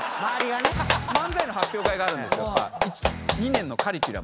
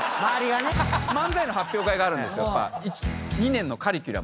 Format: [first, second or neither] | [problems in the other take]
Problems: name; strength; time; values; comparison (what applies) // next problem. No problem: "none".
second | background sound (Clapping); 1 dB below the speech